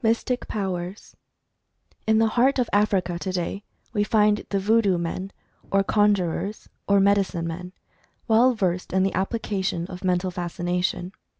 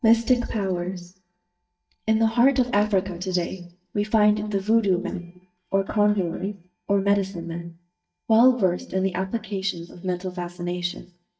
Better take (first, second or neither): first